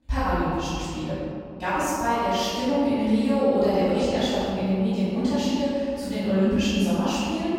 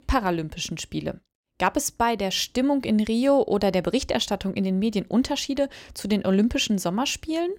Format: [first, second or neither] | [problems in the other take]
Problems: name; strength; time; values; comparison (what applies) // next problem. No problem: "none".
second | off-mic speech; far // room echo; strong; dies away in 2.2 s